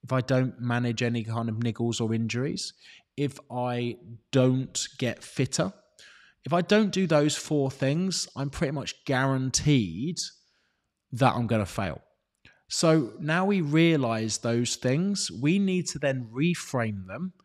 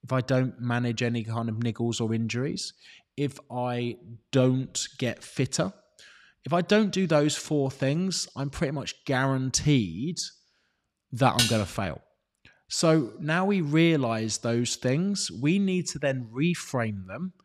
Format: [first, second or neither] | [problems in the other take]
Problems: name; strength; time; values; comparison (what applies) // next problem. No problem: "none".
first | clattering dishes; loud; at 11 s; peak 2 dB above the speech